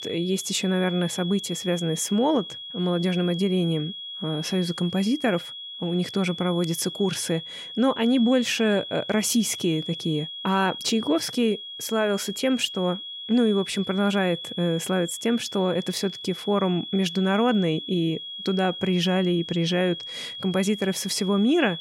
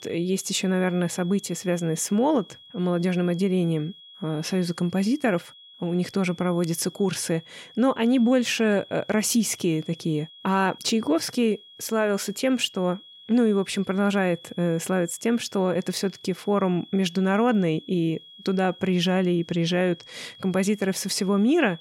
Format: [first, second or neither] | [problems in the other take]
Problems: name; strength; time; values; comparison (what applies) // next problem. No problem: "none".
second | high-pitched whine; loud; throughout; 3.5 kHz, 9 dB below the speech; faint in the second